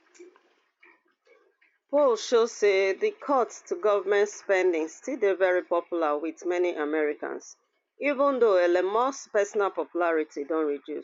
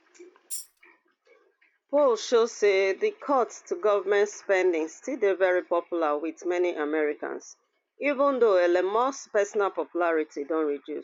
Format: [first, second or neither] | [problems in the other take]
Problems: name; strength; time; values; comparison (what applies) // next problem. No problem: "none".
first | background sound (Tambourine); 12 dB below the speech